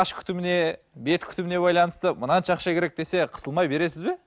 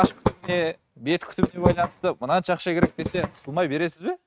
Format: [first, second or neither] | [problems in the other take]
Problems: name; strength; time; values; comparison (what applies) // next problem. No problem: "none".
first | noise reduction (neural mask model RNNoise)